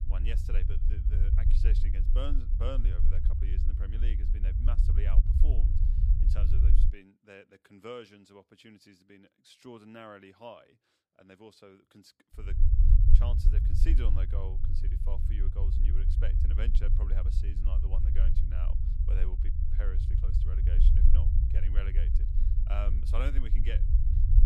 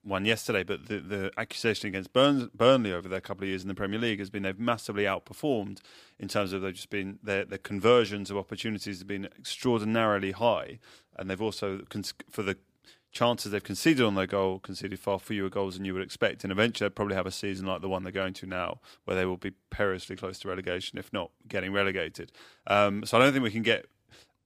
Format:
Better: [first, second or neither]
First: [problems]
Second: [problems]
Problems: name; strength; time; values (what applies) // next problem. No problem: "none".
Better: second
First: low rumble; loud; until 7 s and from 12 s on; 2 dB below the speech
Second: none